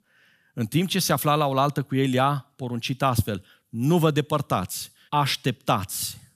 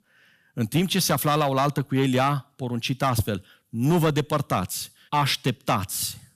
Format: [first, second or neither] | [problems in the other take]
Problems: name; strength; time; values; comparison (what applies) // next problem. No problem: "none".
first | distortion; slight; 4% of the sound clipped